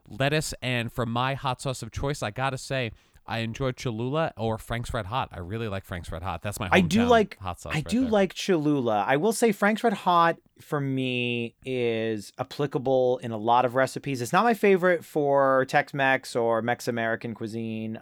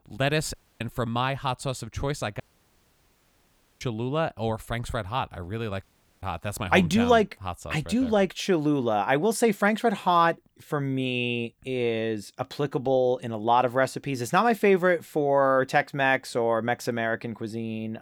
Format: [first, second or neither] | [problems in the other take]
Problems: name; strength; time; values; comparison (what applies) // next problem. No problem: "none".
first | audio cutting out; at 0.5 s, at 2.5 s for 1.5 s and at 6 s